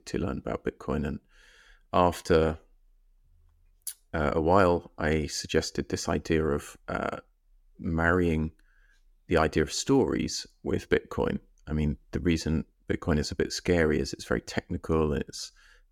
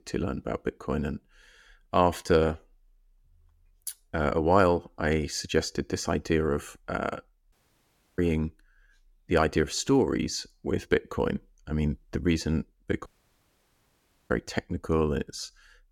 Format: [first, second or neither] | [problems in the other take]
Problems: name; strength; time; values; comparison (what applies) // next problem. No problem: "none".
first | audio cutting out; at 7.5 s for 0.5 s and at 13 s for 1 s